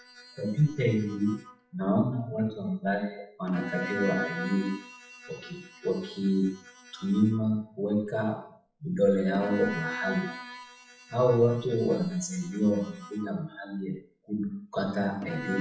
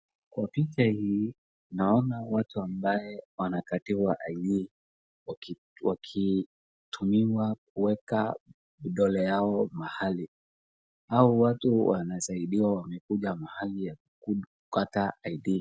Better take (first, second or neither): second